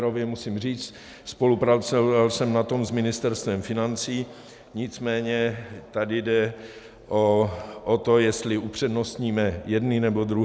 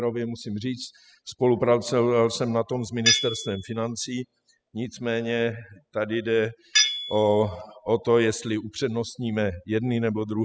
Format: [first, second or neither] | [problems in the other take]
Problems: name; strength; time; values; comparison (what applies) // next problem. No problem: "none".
first | noise reduction (classical method spectral subtraction)